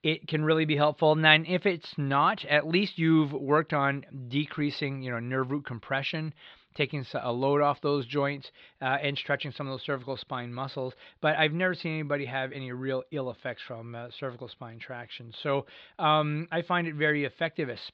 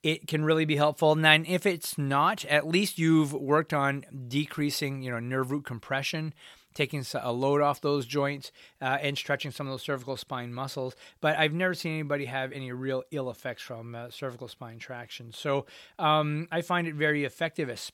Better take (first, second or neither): second